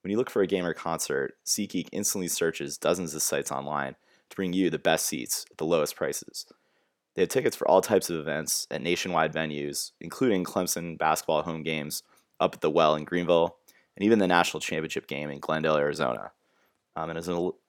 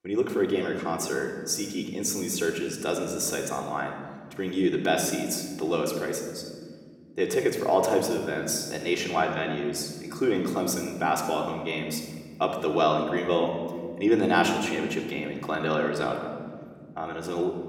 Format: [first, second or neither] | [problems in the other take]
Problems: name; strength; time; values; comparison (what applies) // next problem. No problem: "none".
first | room echo; noticeable; dies away in 1.8 s // off-mic speech; far